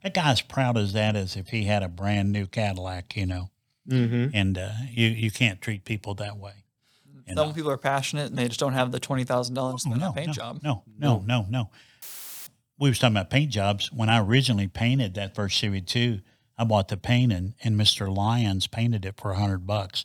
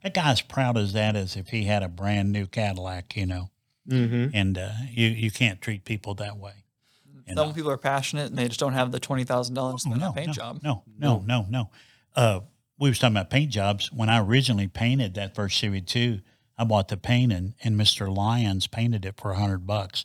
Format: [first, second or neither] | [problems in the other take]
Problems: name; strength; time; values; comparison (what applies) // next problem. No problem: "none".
second | audio cutting out; filled with static; at 12 s